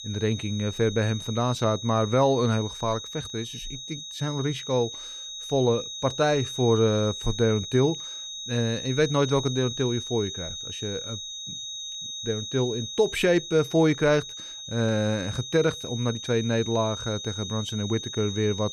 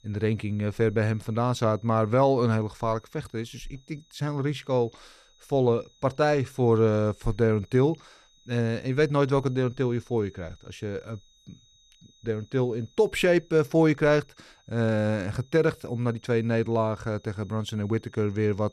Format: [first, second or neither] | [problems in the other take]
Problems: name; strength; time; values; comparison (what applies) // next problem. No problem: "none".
second | high-pitched whine; loud; throughout; 4 kHz, 8 dB below the speech; faint in the second